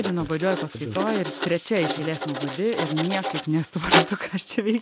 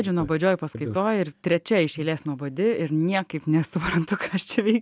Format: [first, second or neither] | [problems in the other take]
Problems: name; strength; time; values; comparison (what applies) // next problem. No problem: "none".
second | background sound (Writing); 3 dB below the speech